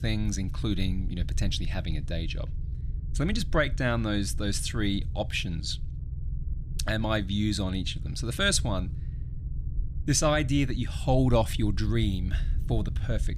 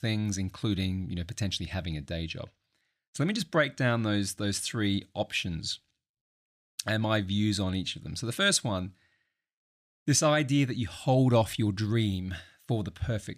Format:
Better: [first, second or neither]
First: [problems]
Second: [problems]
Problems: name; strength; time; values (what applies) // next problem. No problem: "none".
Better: second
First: low rumble; faint; throughout; 20 dB below the speech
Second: none